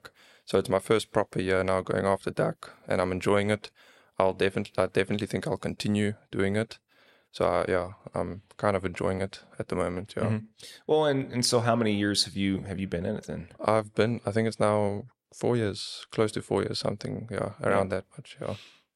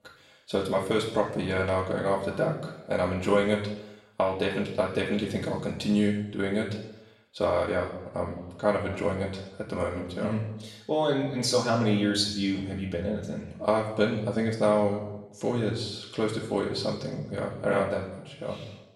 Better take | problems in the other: first | room echo; noticeable; dies away in 0.8 s // off-mic speech; far

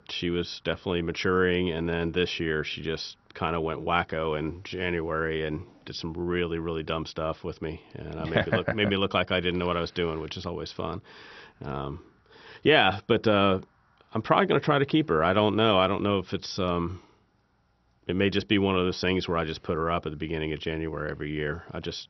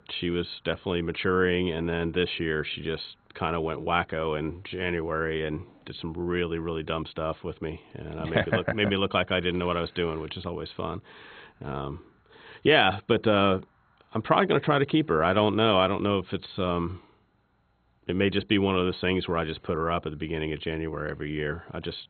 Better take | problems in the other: first | garbled, watery; badly; nothing above 3.5 kHz; slightly in the first

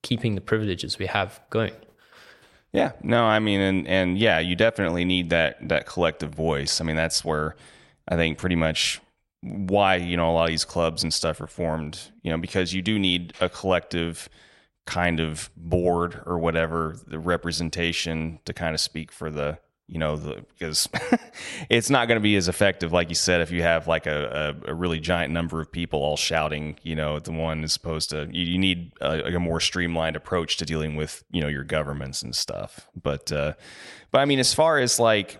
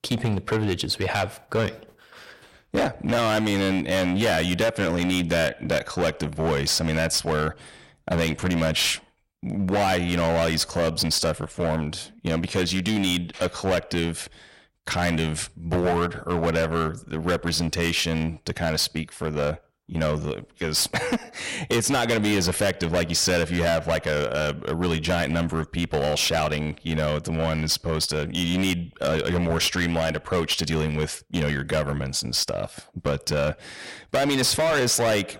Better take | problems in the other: first | distortion; heavy; 14% of the sound clipped

